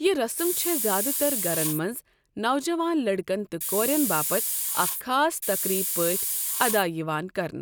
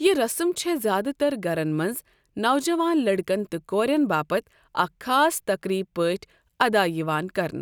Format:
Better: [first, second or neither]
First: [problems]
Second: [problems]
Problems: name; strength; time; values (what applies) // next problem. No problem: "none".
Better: second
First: background sound (Hiss); 1 dB below the speech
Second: none